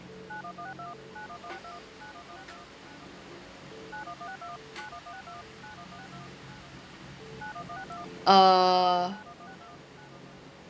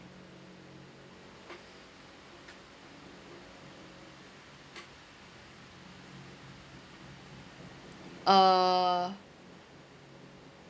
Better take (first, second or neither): second